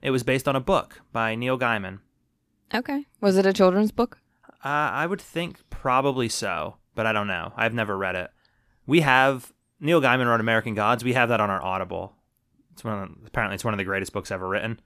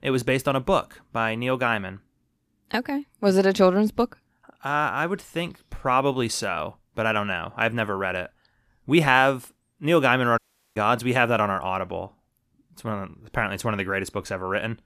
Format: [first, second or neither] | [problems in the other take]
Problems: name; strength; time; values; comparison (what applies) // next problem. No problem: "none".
first | audio cutting out; at 10 s